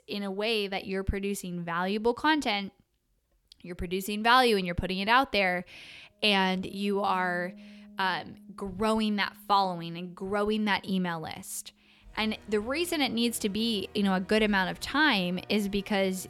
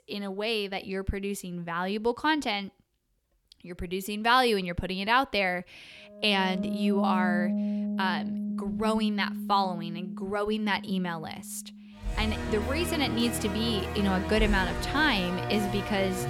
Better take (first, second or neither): first